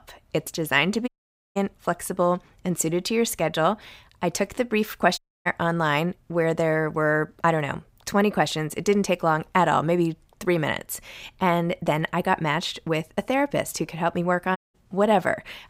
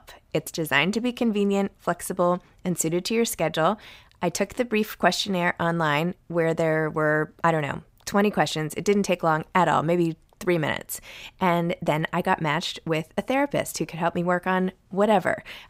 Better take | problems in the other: second | audio cutting out; at 1 s, at 5 s and at 15 s

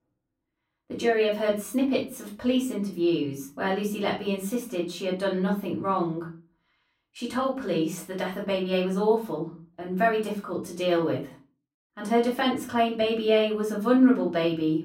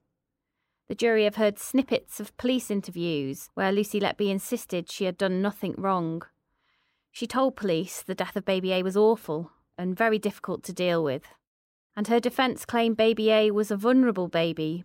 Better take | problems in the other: second | room echo; slight; dies away in 0.3 s // off-mic speech; far

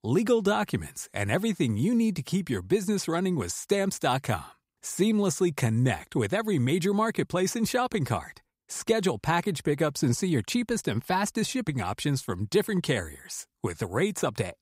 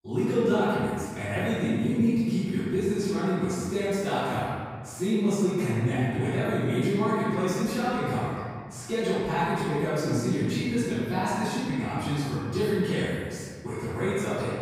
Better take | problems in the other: first | off-mic speech; far // room echo; strong; dies away in 1.7 s

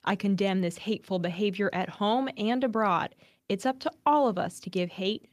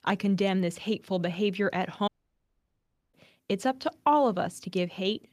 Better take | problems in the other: first | audio cutting out; at 2 s for 1 s

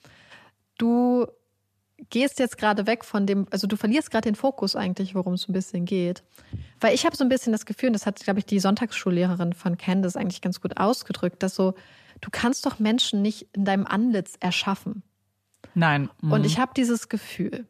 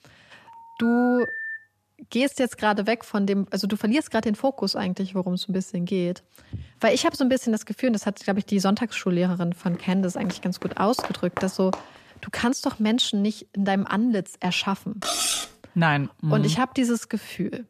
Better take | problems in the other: first | phone ringing; noticeable; until 1.5 s; peak 6 dB below the speech // footsteps; noticeable; from 10 to 12 s; peak 8 dB below the speech // clattering dishes; loud; at 15 s; peak 2 dB above the speech

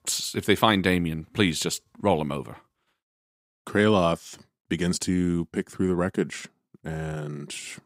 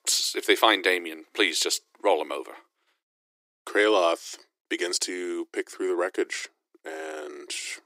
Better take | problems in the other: first | thin; very; fading below 350 Hz

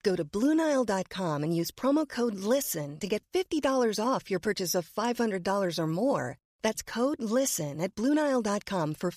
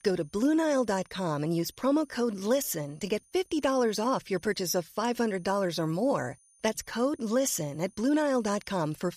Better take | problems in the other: first | high-pitched whine; faint; throughout; 9.5 kHz, 30 dB below the speech

